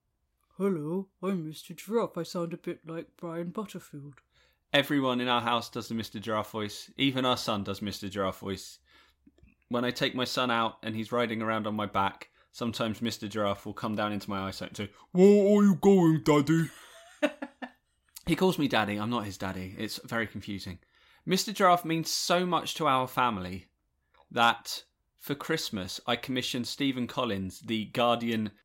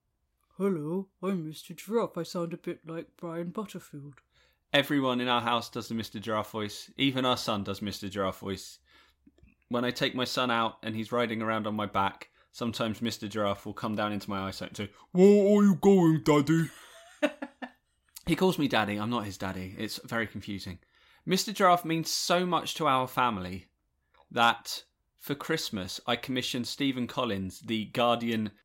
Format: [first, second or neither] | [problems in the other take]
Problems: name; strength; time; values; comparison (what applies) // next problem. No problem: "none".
neither | none